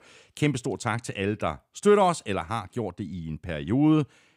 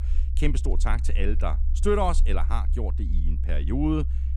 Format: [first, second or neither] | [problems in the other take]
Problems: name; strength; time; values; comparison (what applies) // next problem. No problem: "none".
first | low rumble; noticeable; throughout; 15 dB below the speech